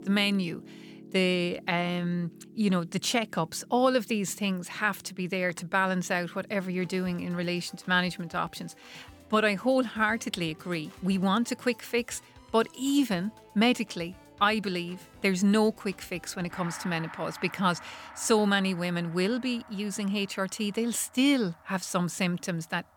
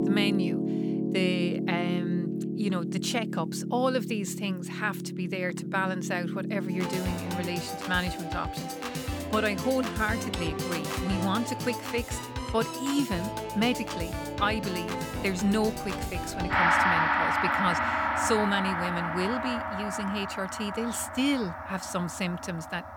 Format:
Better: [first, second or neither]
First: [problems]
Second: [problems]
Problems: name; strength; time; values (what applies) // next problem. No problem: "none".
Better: first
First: background music; faint; throughout; 20 dB below the speech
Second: background music; loud; throughout; as loud as the speech